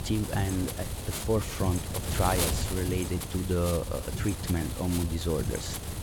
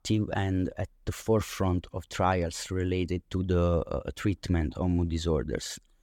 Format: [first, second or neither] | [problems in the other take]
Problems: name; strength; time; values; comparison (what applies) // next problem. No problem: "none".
second | wind noise on the microphone; heavy; 3 dB below the speech